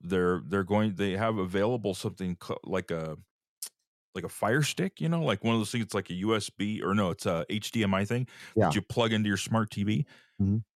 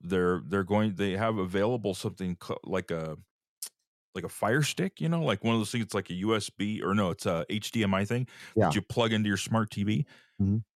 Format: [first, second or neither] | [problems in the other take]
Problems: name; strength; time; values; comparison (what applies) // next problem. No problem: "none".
neither | none